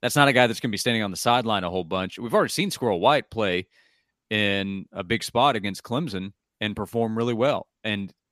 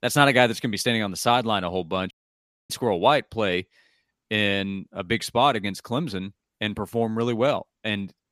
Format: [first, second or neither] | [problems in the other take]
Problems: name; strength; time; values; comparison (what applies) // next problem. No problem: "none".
first | audio cutting out; at 2 s for 0.5 s